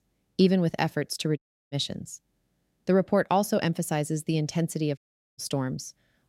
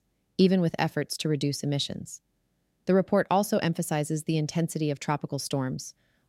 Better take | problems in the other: second | audio cutting out; at 1.5 s and at 5 s

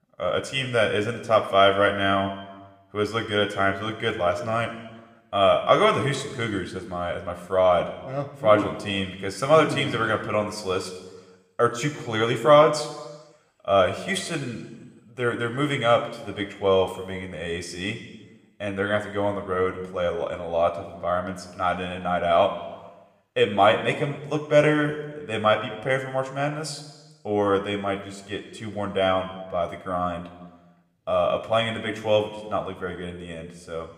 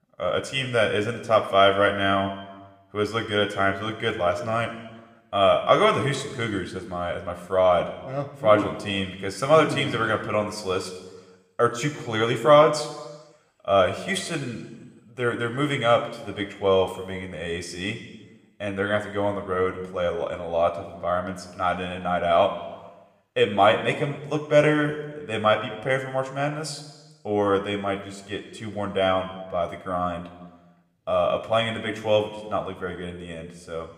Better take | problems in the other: neither | room echo; slight; dies away in 1.1 s; the same in both

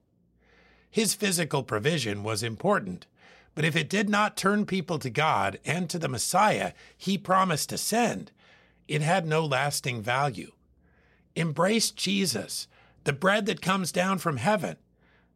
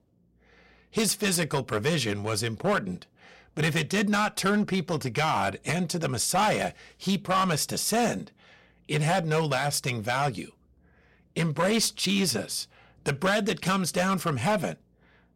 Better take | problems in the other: first | distortion; slight; 6% of the sound clipped

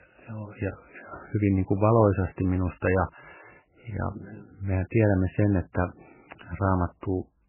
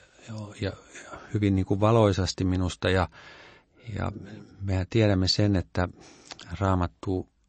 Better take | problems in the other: second | garbled, watery; badly; nothing above 2.5 kHz; slightly in the second

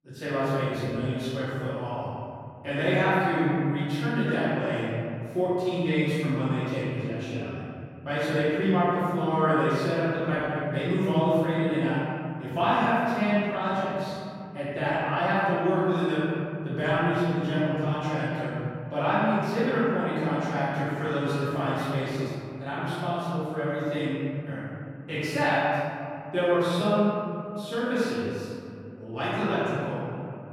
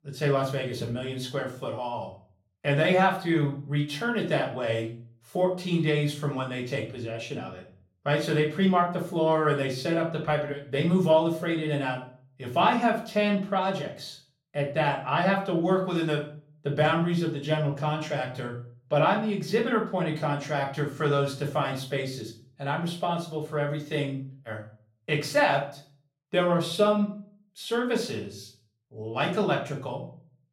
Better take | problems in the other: second | room echo; strong; dies away in 3 s; slight in the second // off-mic speech; far; far in the second

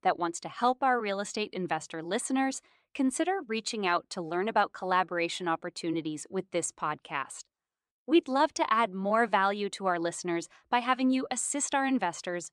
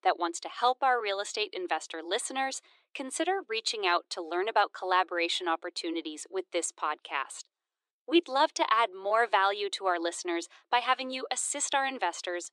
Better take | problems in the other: first | thin; very; fading below 350 Hz

